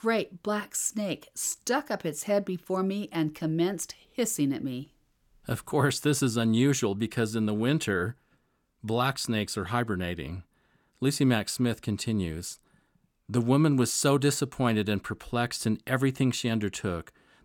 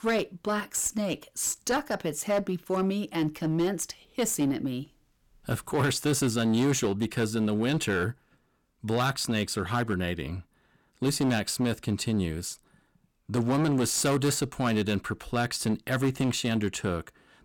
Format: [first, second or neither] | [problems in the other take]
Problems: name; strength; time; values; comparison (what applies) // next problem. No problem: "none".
first | distortion; slight; 10% of the sound clipped